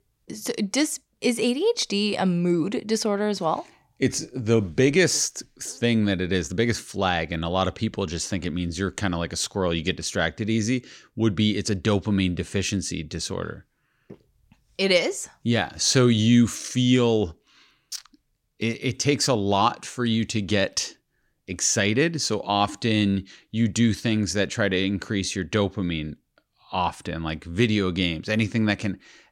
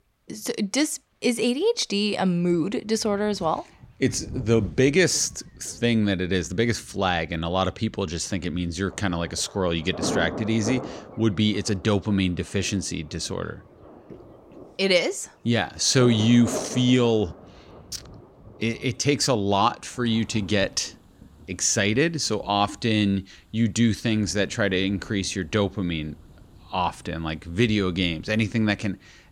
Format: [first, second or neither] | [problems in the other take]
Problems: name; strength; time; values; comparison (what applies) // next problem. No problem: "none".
first | rain or running water; noticeable; throughout; 15 dB below the speech